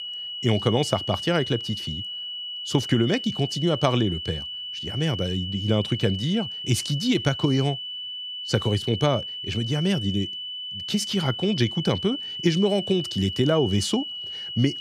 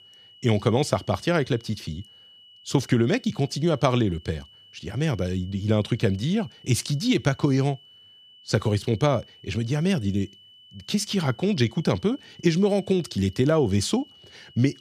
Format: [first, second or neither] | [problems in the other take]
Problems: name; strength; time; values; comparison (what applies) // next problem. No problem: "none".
second | high-pitched whine; loud; throughout; 3 kHz, 6 dB below the speech; faint in the second